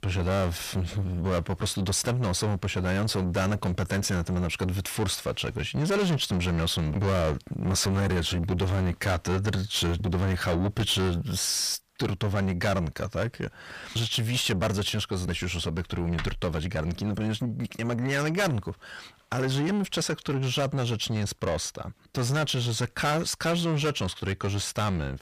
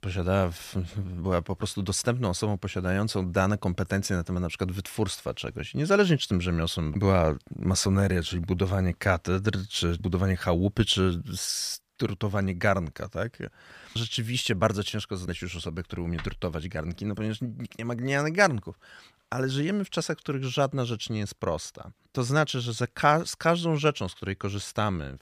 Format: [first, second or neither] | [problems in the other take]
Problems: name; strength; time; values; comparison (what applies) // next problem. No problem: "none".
second | distortion; heavy; 6 dB below the speech